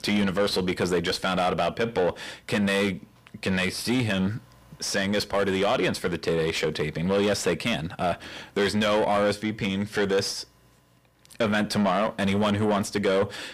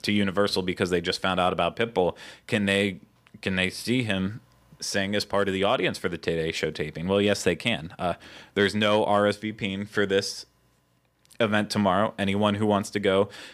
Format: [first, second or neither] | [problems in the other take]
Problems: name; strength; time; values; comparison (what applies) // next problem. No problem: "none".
second | distortion; heavy; 8 dB below the speech